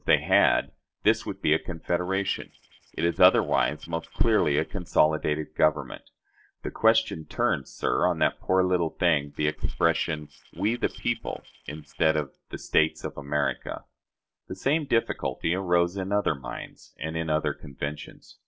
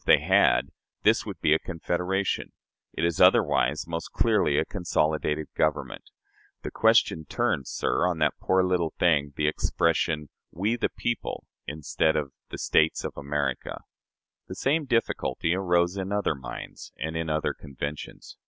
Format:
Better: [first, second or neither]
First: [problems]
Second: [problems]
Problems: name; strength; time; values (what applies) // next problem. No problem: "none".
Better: second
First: noise reduction (neural separator model SepFormer DNS4)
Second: none